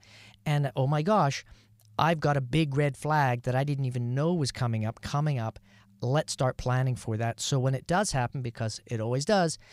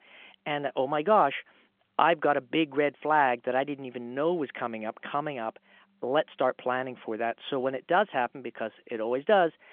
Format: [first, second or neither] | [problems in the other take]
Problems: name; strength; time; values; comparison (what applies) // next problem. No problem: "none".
first | phone-call audio; nothing above 3.5 kHz